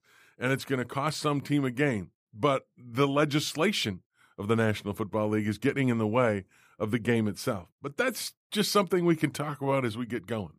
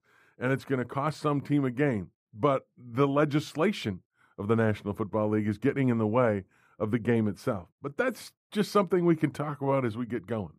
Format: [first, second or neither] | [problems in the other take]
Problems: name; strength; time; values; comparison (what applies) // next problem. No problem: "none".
first | muffled; slightly; fading above 2 kHz